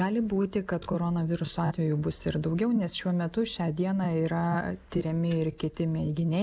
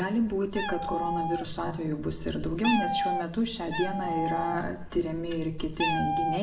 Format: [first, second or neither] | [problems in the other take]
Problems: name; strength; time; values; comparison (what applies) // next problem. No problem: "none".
first | background sound (Meow); 2 dB below the speech // room echo; dies away in 0.7 s